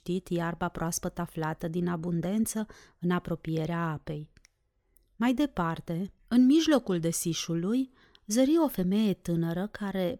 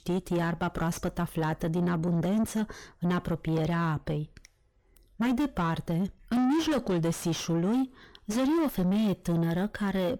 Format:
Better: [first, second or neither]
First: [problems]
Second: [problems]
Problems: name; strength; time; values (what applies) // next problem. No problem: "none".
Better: first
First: none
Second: distortion; heavy; 6 dB below the speech